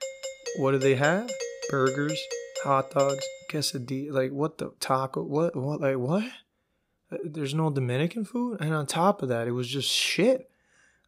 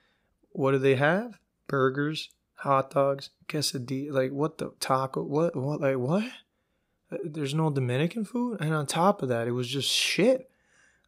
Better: second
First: doorbell; noticeable; until 3.5 s; peak 7 dB below the speech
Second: none

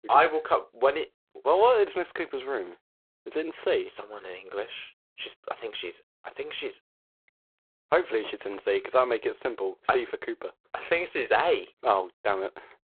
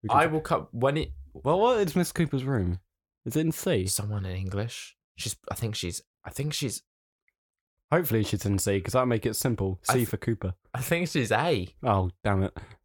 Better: second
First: phone-call audio; poor line; nothing above 3.5 kHz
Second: none

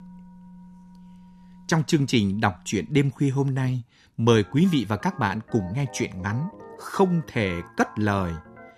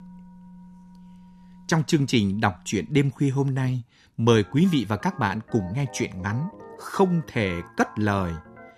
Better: neither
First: background music; faint; throughout; 20 dB below the speech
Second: background music; faint; throughout; 20 dB below the speech

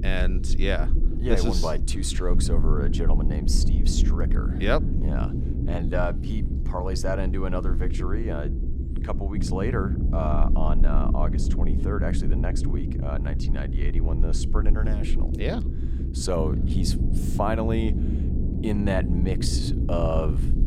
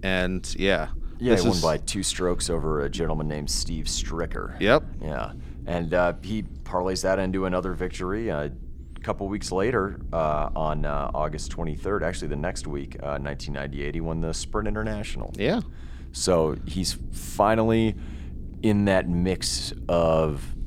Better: second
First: low rumble; loud; throughout; 7 dB below the speech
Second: low rumble; faint; throughout; 25 dB below the speech

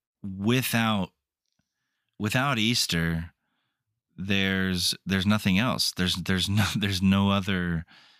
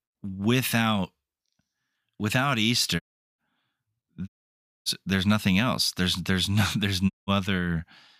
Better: first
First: none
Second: audio cutting out; at 3 s, at 4.5 s for 0.5 s and at 7 s

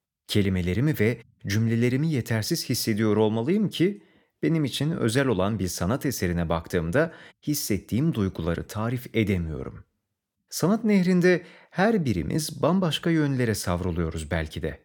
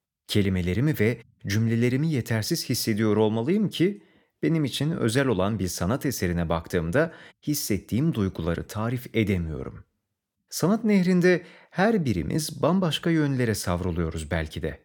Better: neither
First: none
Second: none

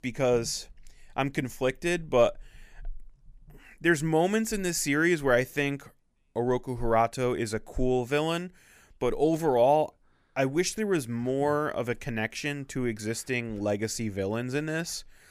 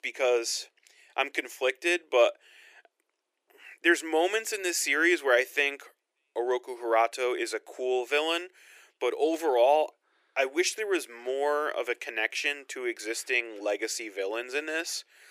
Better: first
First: none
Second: thin; very; fading below 350 Hz

